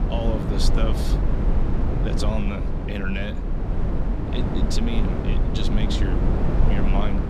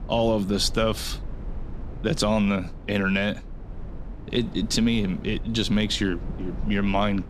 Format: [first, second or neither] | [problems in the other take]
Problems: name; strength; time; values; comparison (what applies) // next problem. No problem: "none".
second | low rumble; loud; throughout; as loud as the speech; faint in the second